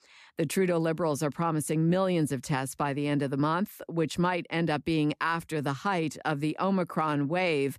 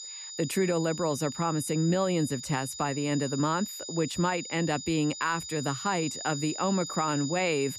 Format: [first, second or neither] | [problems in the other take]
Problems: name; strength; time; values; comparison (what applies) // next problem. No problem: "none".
first | high-pitched whine; loud; throughout; 7 kHz, 8 dB below the speech